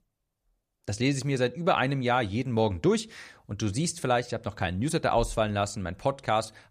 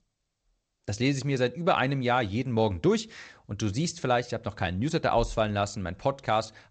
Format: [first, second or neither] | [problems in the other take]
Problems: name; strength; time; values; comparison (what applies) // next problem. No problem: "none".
first | garbled, watery; slightly; nothing above 8 kHz